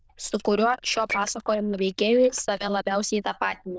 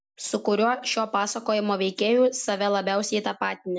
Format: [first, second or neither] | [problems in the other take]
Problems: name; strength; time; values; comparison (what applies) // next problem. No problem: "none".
second | noise reduction (neural diffusion model UNIVERSE++)